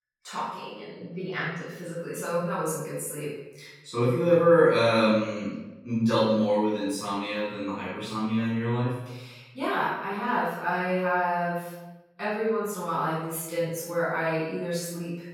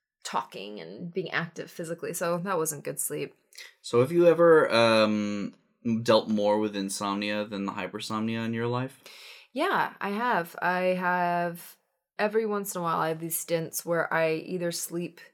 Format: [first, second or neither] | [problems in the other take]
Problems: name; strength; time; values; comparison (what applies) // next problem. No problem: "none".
second | off-mic speech; far // room echo; noticeable; dies away in 0.9 s